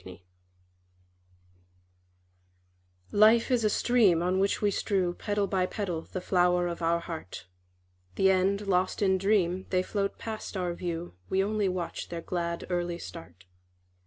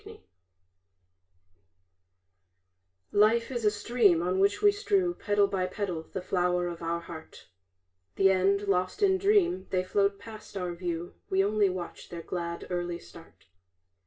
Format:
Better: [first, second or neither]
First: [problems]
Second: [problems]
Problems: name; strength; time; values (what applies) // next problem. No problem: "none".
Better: first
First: none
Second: room echo; dies away in 0.2 s